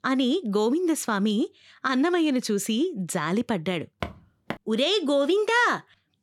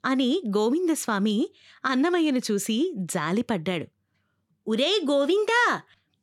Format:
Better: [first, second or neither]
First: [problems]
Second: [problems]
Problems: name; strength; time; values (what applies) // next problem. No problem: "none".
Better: second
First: footsteps; faint; at 4 s; peak 10 dB below the speech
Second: none